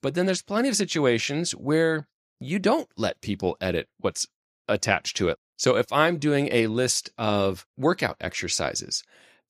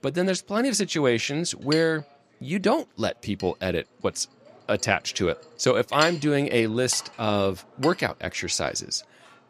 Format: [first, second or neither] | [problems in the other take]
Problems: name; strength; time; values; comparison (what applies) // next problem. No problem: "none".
first | household noises; noticeable; throughout; 10 dB below the speech